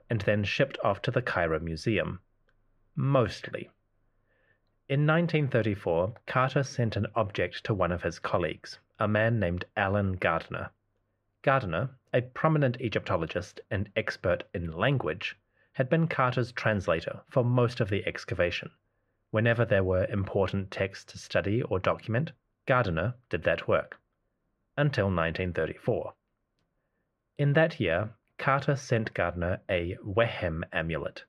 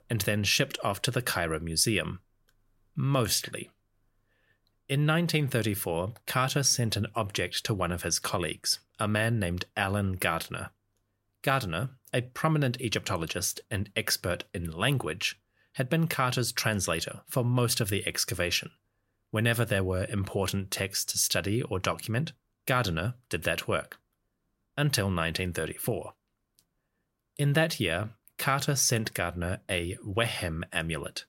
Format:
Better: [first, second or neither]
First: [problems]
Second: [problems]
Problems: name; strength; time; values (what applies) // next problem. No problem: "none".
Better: second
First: muffled; very; fading above 2 kHz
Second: none